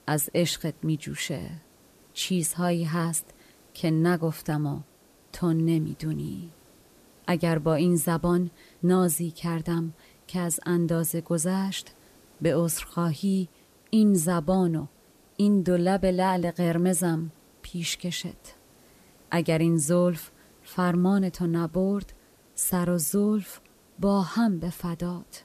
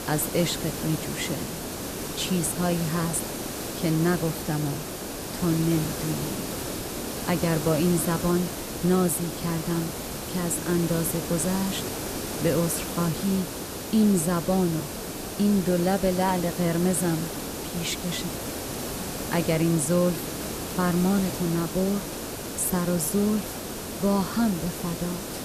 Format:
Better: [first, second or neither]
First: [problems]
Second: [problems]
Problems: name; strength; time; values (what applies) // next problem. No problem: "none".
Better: first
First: hiss; faint; throughout; 30 dB below the speech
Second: hiss; loud; throughout; 6 dB below the speech